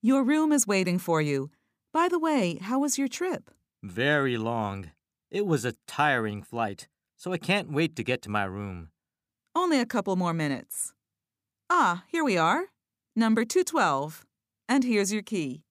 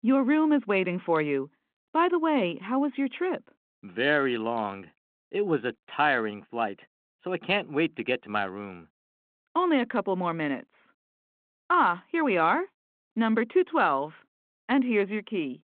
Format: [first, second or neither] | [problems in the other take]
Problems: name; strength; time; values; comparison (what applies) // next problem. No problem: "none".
first | phone-call audio